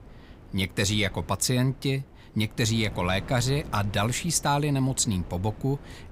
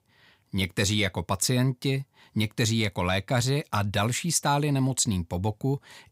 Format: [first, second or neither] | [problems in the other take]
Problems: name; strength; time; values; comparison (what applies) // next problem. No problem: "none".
second | wind noise on the microphone; occasional gusts; 20 dB below the speech